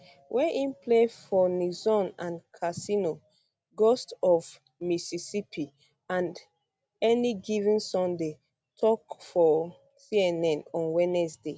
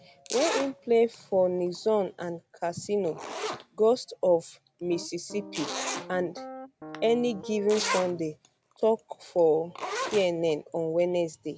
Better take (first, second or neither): first